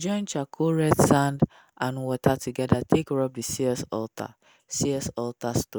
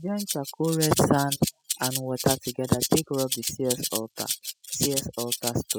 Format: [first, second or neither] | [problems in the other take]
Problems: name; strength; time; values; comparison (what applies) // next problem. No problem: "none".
first | noise reduction (classical method spectral subtraction)